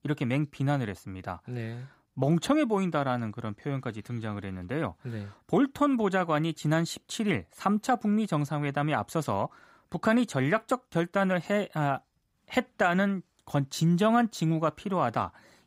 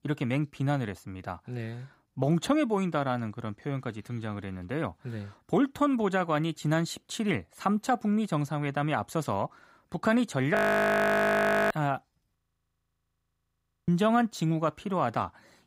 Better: first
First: none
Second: audio freezing; at 11 s for 1 s and at 12 s for 1.5 s

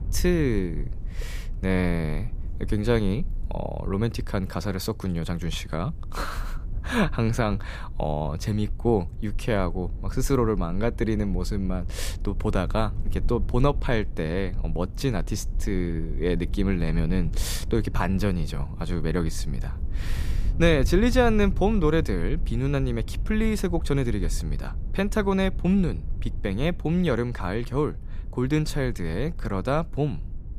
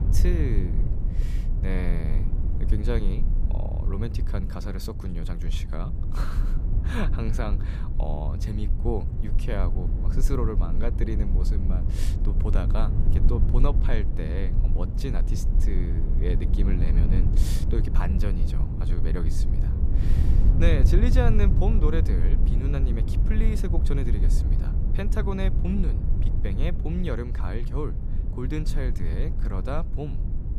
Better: first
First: low rumble; faint; throughout; 20 dB below the speech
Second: low rumble; loud; throughout; 5 dB below the speech

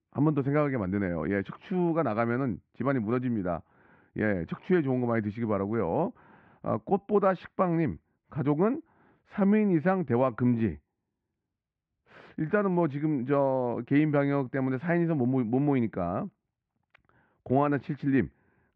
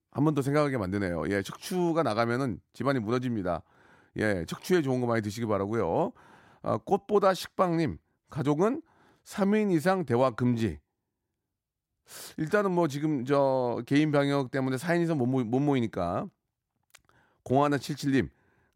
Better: second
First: muffled; very; fading above 2.5 kHz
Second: none

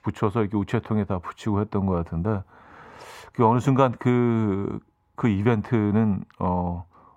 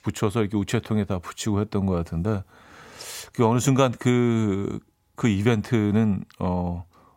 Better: second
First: muffled; very; fading above 3 kHz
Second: none

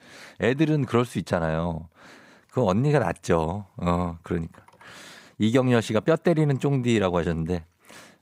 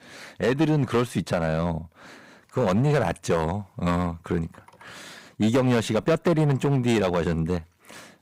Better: first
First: none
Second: distortion; slight; 6% of the sound clipped

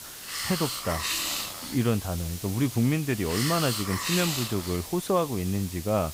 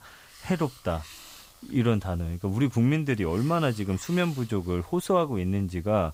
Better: second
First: hiss; loud; throughout; 3 dB below the speech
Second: hiss; faint; throughout; 20 dB below the speech

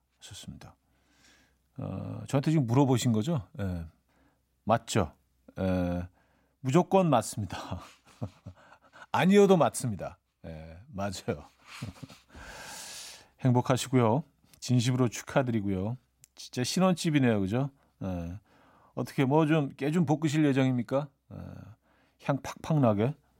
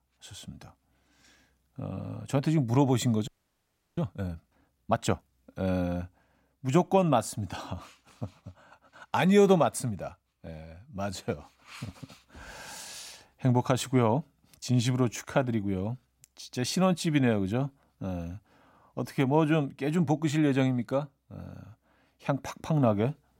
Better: first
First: none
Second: audio freezing; at 3.5 s for 0.5 s

